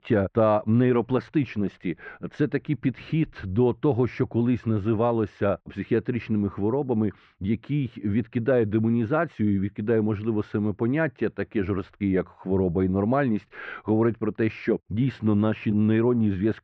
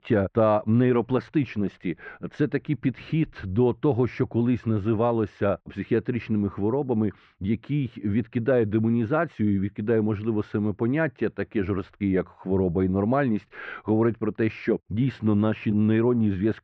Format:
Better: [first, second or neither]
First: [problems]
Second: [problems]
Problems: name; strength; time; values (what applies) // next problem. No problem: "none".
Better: neither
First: muffled; very; fading above 2 kHz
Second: muffled; very; fading above 2 kHz